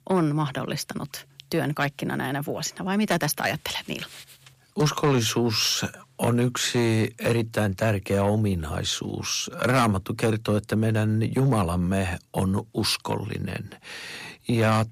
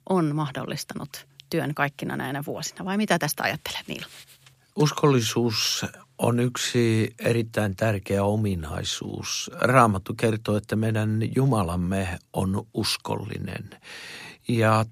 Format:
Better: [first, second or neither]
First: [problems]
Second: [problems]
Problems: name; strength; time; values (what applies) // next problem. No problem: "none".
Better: second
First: distortion; slight; 10 dB below the speech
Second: none